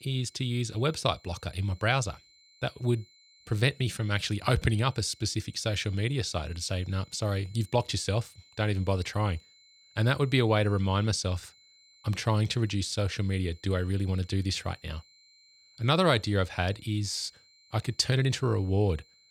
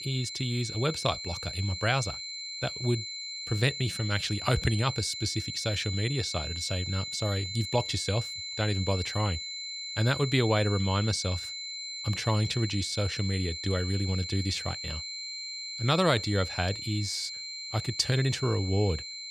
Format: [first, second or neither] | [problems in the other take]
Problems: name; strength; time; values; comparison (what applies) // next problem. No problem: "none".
first | high-pitched whine; loud; throughout; 4 kHz, 5 dB below the speech; faint in the first